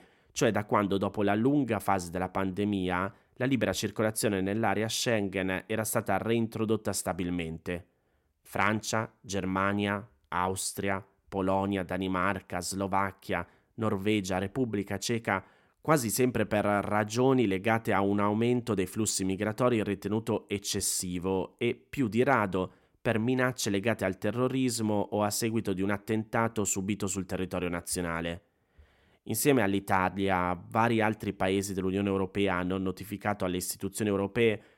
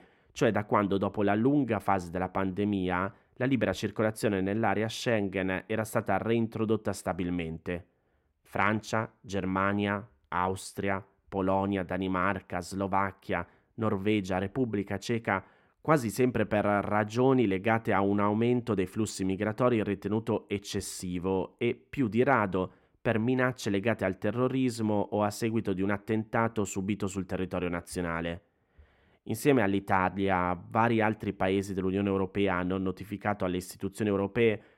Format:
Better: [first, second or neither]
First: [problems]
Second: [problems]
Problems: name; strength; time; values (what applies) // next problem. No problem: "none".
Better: first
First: none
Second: muffled; slightly; fading above 4 kHz